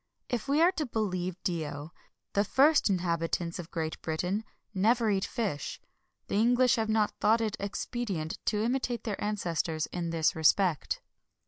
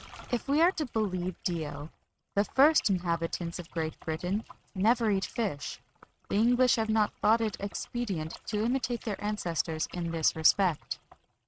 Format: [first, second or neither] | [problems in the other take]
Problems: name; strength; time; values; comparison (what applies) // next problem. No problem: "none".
first | noise reduction (neural mask model RNNoise)